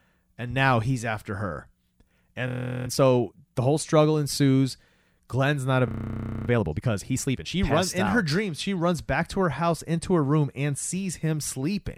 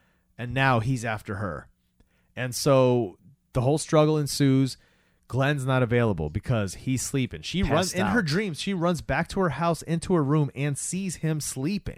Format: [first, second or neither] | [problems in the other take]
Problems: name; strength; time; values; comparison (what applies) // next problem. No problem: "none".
second | audio freezing; at 2.5 s and at 6 s for 0.5 s